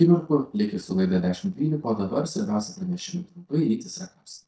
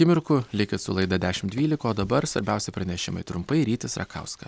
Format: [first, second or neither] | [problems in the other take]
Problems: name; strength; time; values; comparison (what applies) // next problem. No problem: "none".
second | noise reduction (neural mask model DeepFilterNet 3)